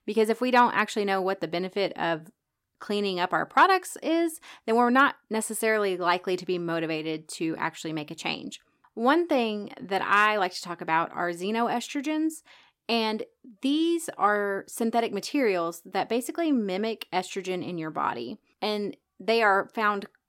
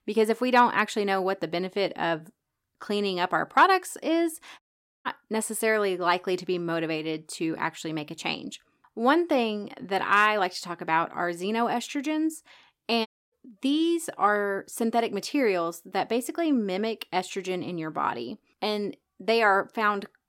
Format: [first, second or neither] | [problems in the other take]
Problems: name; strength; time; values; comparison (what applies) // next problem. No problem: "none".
first | audio cutting out; at 4.5 s and at 13 s